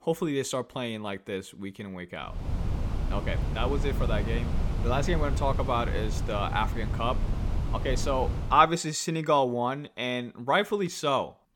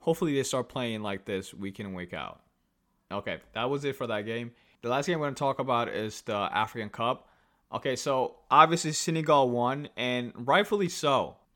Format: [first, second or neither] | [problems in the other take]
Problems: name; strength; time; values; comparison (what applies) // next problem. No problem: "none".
second | wind noise on the microphone; occasional gusts; from 2.5 to 8.5 s; 15 dB below the speech